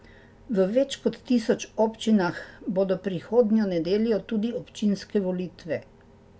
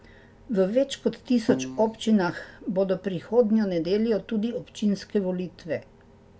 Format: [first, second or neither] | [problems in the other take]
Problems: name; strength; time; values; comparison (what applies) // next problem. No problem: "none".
first | background sound (Keyboard (musical)); 5 dB below the speech